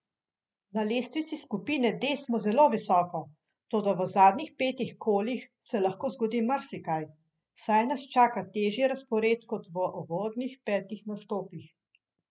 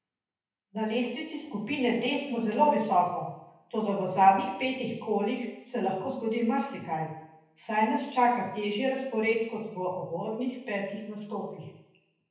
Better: first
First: none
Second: room echo; dies away in 0.9 s

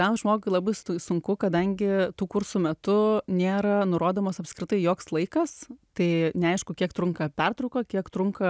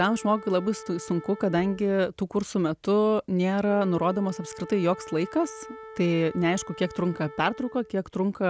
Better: first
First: none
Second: background sound (Wind instrument, woodwind instrument); 18 dB below the speech

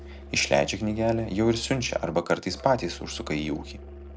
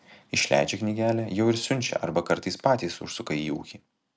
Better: second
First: background sound (Musical instrument); 15 dB below the speech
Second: none

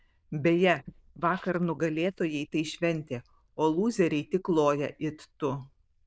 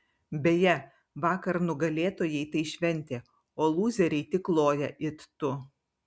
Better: second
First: noise reduction (neural diffusion model UNIVERSE++)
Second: none

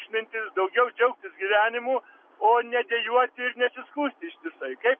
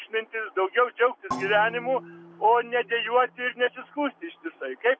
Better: first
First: none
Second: background sound (Percussion); 16 dB below the speech

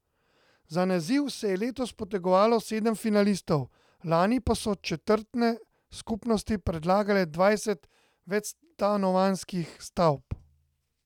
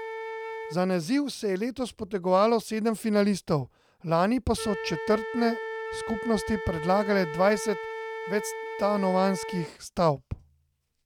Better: first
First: none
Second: background sound (Wind instrument, woodwind instrument); 10 dB below the speech

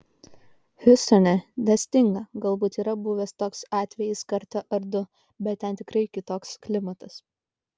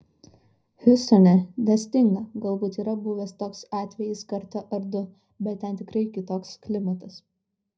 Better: first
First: none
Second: room echo; dies away in 0.4 s

